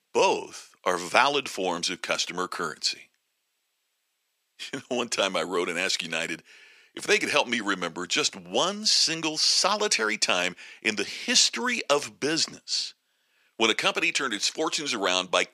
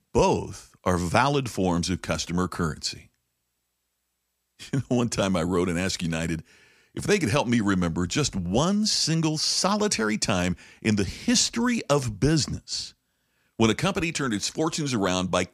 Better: second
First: thin; somewhat; fading below 450 Hz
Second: none

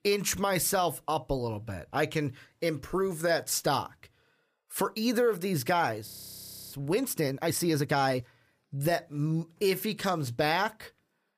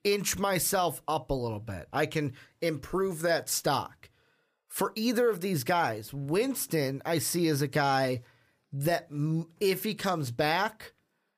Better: second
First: audio freezing; at 6 s for 0.5 s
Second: none

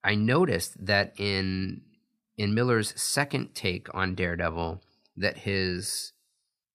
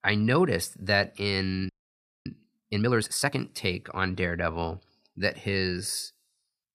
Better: first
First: none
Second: audio freezing; at 1.5 s for 0.5 s

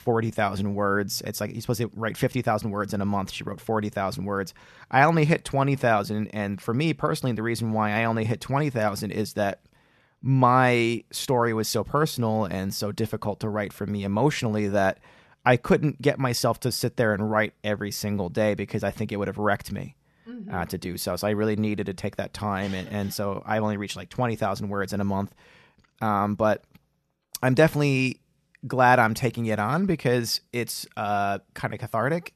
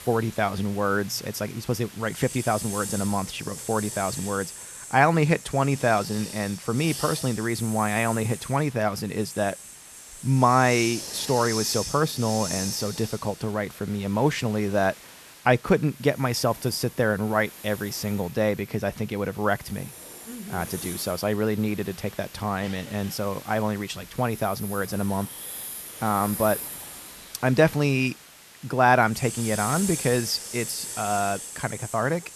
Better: first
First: none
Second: hiss; noticeable; throughout; 10 dB below the speech

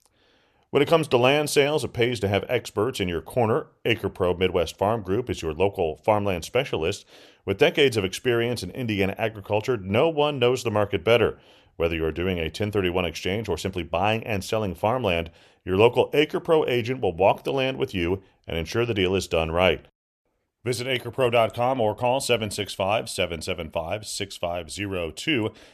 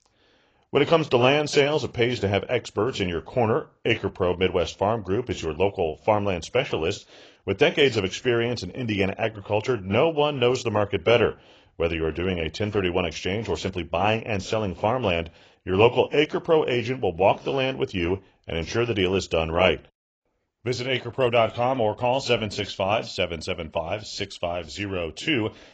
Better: first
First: none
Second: garbled, watery; badly; nothing above 7.5 kHz

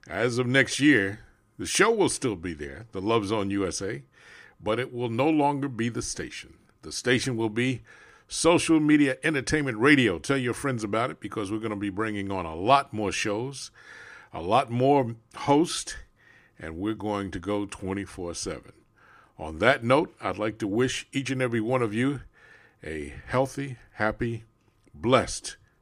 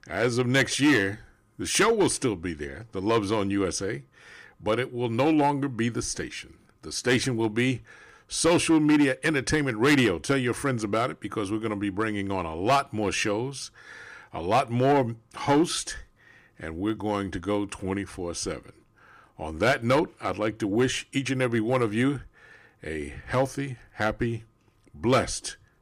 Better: first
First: none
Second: distortion; slight; 3% of the sound clipped

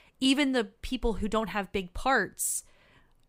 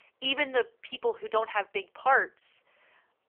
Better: first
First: none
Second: phone-call audio; poor line; nothing above 3 kHz

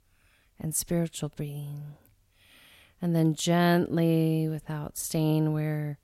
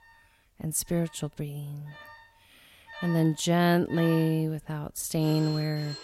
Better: first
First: none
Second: alarms or sirens; noticeable; throughout; 15 dB below the speech

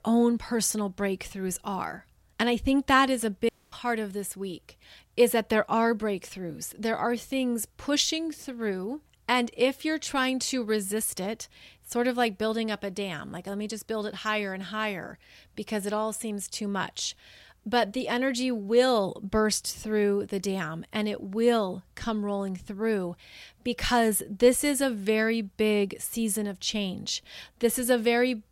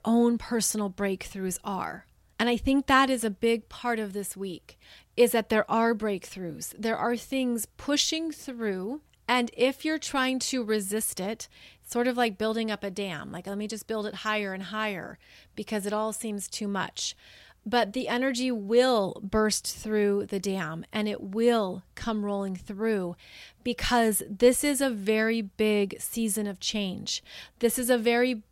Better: second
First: audio cutting out; at 3.5 s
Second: none

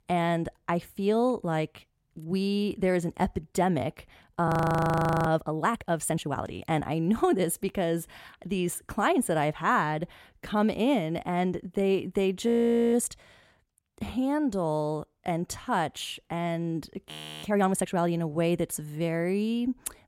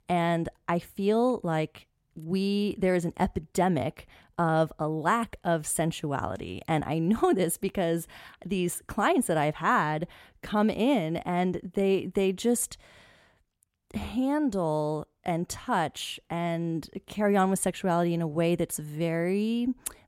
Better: second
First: audio freezing; at 4.5 s for 1 s, at 12 s and at 17 s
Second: none

